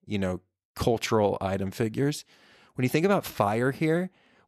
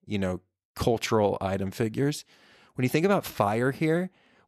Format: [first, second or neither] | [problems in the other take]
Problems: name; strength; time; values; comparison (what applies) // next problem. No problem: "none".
neither | none